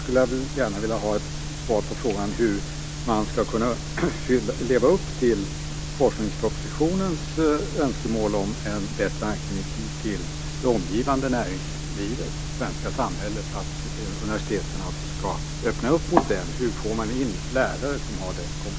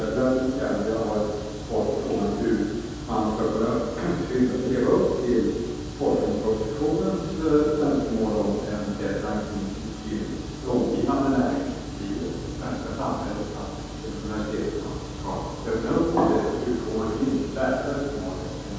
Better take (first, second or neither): first